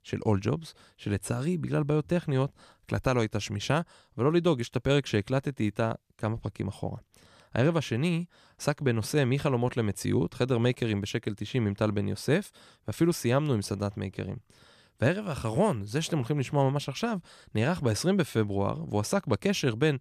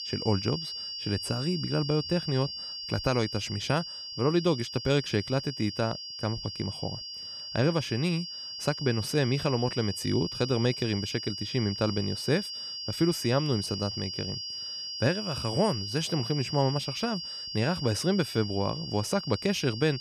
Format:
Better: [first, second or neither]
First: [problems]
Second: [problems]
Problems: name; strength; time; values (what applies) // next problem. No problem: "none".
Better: first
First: none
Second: high-pitched whine; loud; throughout; 5 kHz, 6 dB below the speech